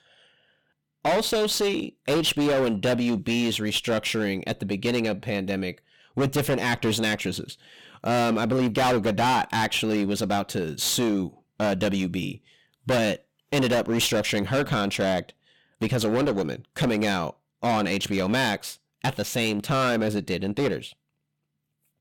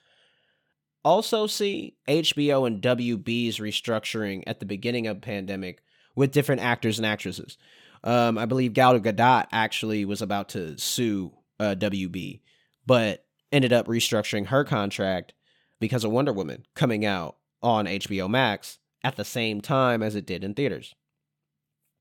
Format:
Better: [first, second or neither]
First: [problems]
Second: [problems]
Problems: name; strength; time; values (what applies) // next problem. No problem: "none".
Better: second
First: distortion; heavy; 16% of the sound clipped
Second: none